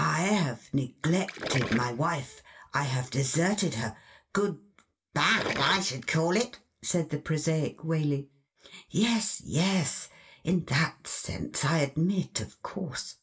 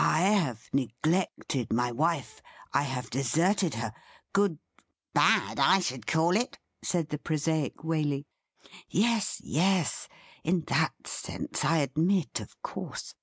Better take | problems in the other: second | background sound (Gurgling); 12 dB below the speech // room echo; dies away in 0.2 s

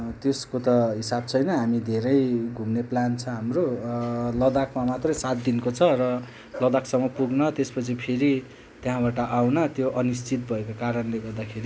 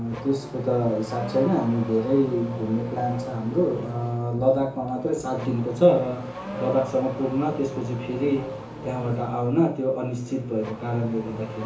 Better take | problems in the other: first | background sound (Accelerating, revving, vroom / Car); 12 dB below the speech // room echo; dies away in 0.7 s

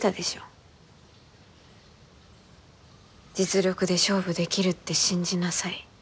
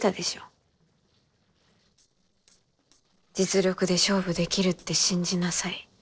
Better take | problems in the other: first | noise reduction (neural separator model SepFormer DNS4)

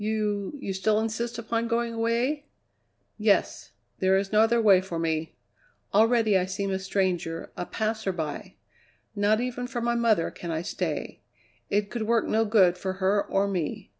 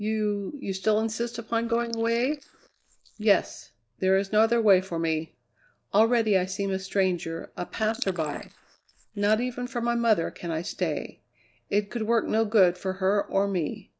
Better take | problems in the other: first | noise reduction (neural mask model Resemble Enhance denoiser)

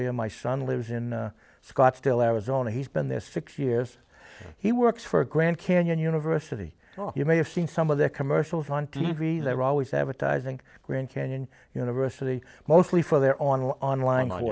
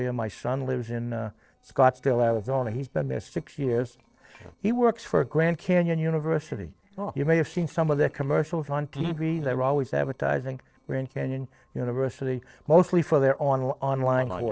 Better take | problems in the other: first | noise reduction (neural separator model SepFormer DNS4)

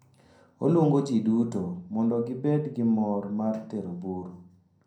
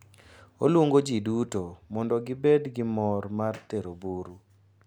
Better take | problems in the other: second | room echo; dies away in 0.5 s

